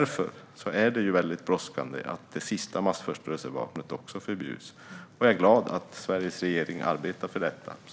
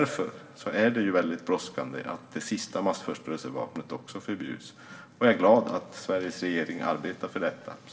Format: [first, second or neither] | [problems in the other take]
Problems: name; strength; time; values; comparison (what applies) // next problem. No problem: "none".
first | room echo; dies away in 1 s